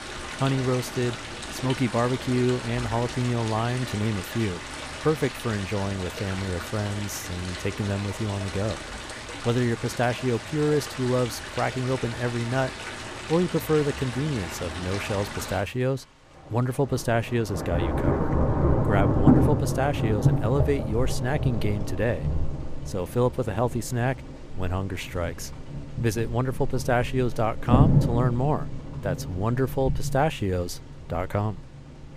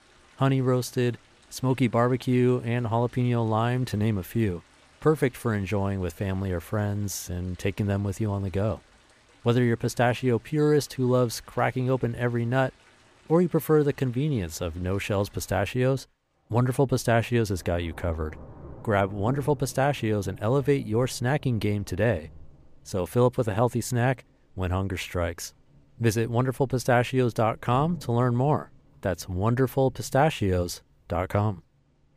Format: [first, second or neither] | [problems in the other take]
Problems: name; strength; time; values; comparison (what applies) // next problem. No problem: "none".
second | rain or running water; loud; throughout; 3 dB below the speech; faint in the second